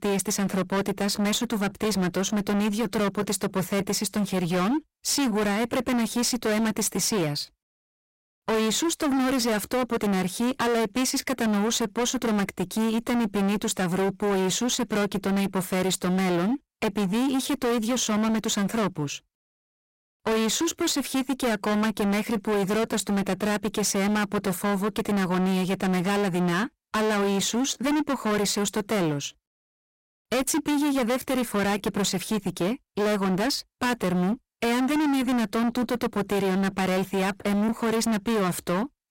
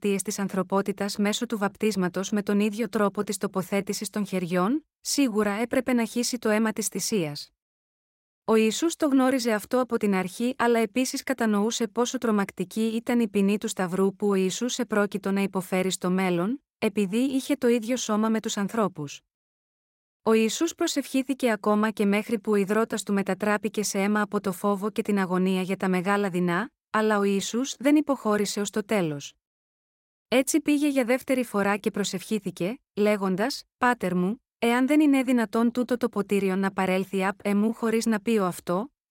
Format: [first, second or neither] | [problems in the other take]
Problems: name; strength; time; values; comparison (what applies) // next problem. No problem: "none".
second | distortion; heavy; 32% of the sound clipped